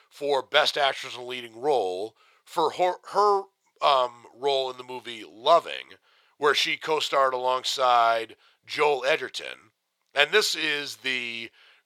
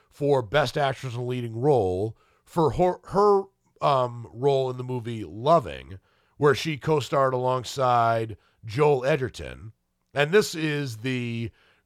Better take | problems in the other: second | thin; very; fading below 550 Hz

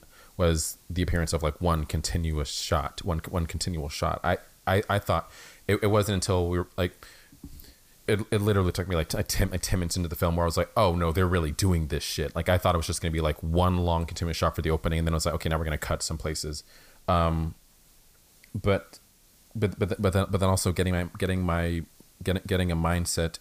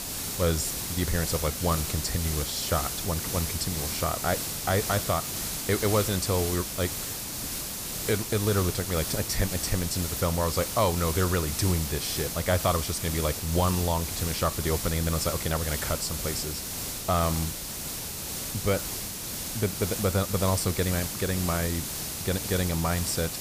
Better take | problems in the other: first | hiss; loud; throughout; 2 dB below the speech; faint in the first

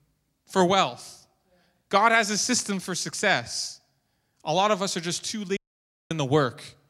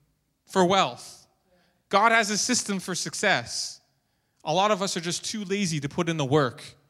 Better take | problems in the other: second | audio cutting out; at 5.5 s for 0.5 s

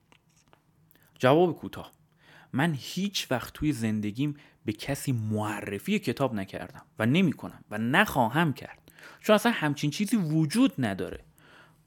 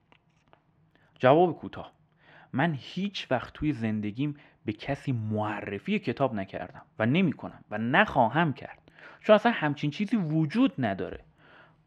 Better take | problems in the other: first | muffled; slightly; fading above 2.5 kHz

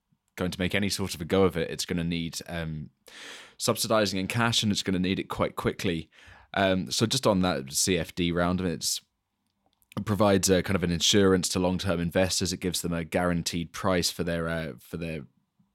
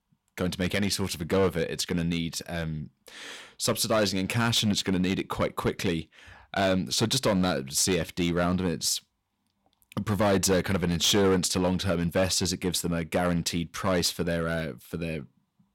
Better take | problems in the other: first | distortion; slight; 5% of the sound clipped

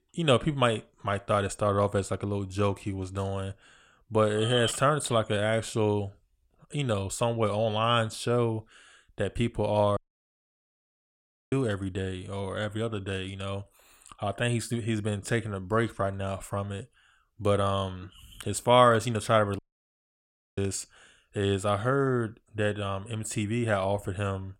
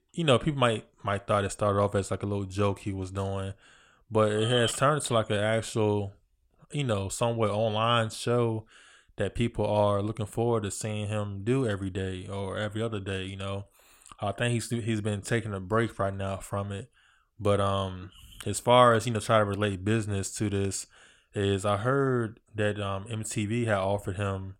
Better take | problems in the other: second | audio cutting out; at 10 s for 1.5 s and at 20 s for 1 s

